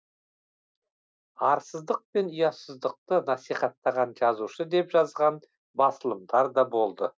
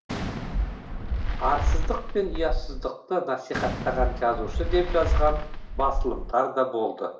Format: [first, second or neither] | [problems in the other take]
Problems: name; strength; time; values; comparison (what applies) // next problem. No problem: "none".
first | background sound (Fireworks); 1 dB above the speech // room echo; dies away in 0.5 s